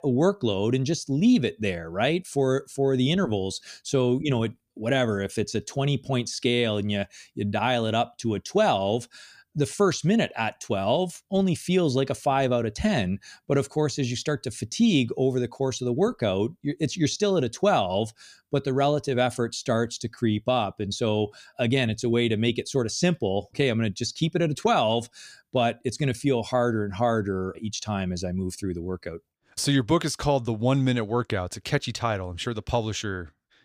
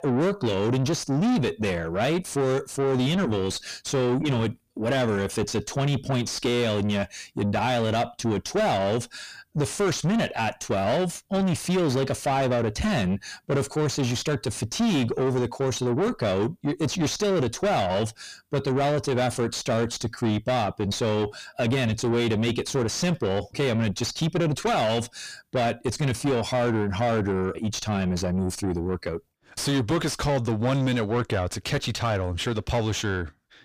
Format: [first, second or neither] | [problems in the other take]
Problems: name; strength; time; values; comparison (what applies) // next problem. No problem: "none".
first | distortion; heavy; 7 dB below the speech